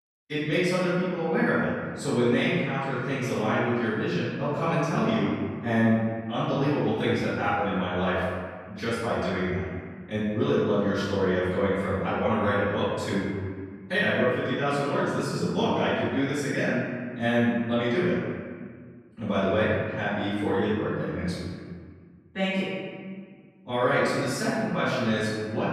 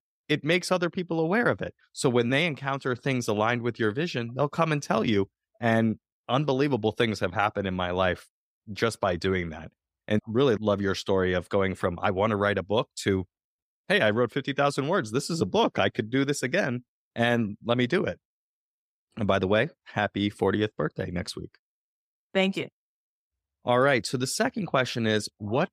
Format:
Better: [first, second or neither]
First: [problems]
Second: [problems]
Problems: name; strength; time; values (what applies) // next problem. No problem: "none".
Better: second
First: off-mic speech; far // room echo; strong; dies away in 1.7 s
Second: none